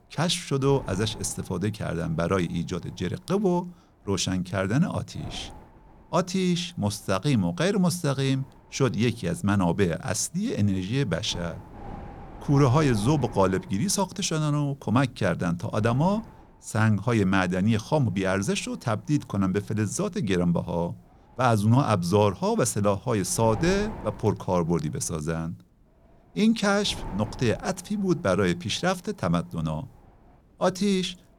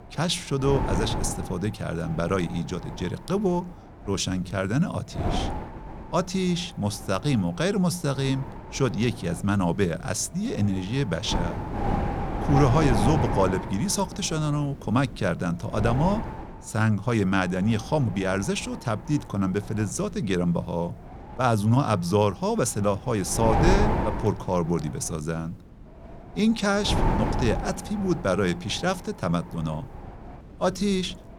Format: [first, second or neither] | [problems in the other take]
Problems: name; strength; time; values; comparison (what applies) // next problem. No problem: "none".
first | wind noise on the microphone; heavy; 5 dB below the speech; occasional gusts in the first